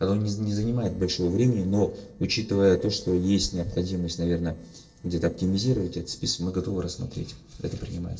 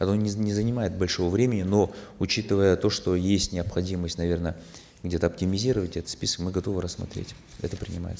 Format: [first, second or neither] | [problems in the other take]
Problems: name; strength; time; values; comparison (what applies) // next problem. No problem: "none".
second | noise reduction (neural separator model SepFormer DNS4)